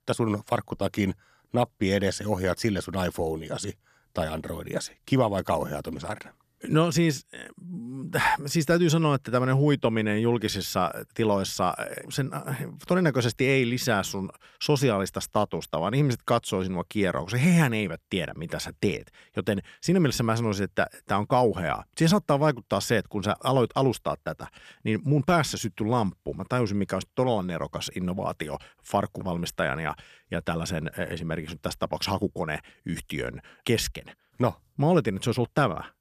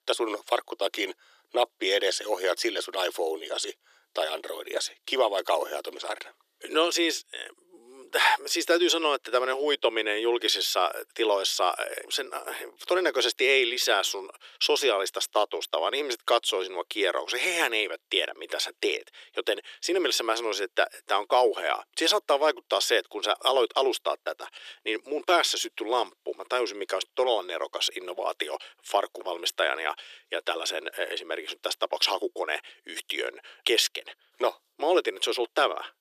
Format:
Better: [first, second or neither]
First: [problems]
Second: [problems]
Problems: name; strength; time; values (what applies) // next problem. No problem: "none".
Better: first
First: none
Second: thin; very; fading below 350 Hz